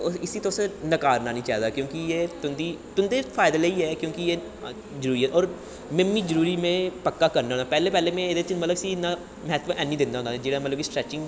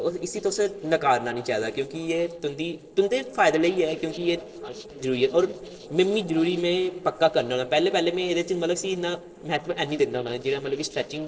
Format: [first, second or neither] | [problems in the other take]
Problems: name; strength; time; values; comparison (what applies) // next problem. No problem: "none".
first | noise reduction (neural separator model SepFormer DNS4)